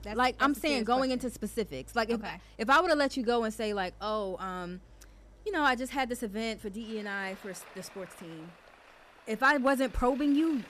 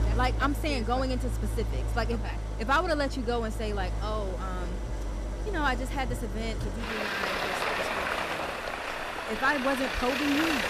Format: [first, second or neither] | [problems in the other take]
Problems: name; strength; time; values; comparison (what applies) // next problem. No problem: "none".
first | traffic noise; loud; throughout; 1 dB below the speech; faint in the first